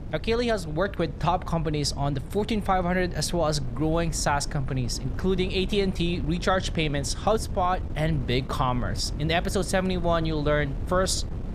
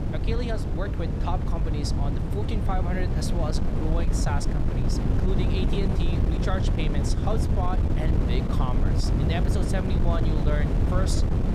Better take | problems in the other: first | wind noise on the microphone; heavy; 1 dB below the speech; occasional gusts in the first

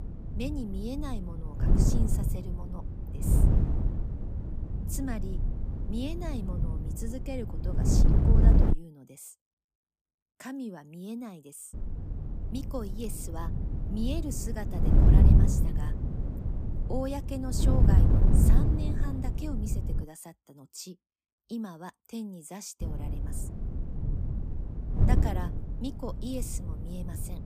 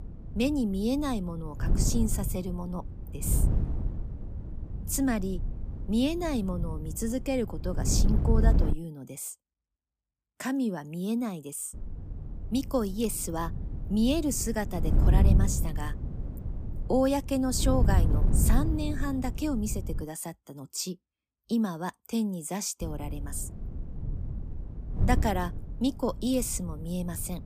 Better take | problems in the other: second | wind noise on the microphone; heavy; until 8.5 s, from 12 to 20 s and from 23 s on; 1 dB above the speech; occasional gusts in the second

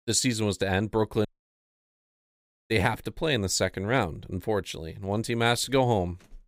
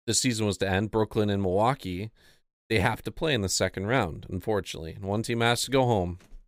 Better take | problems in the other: second | audio cutting out; at 1.5 s for 1.5 s

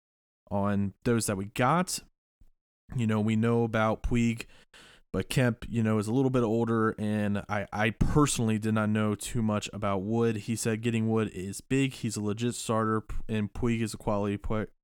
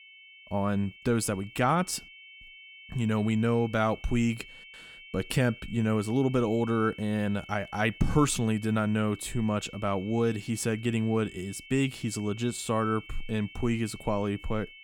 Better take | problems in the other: first | high-pitched whine; noticeable; throughout; 2 kHz, 20 dB below the speech

